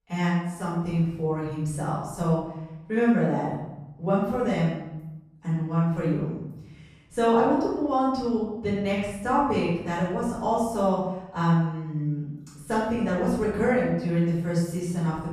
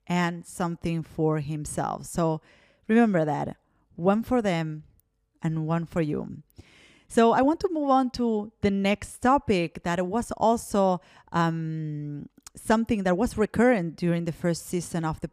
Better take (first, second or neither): second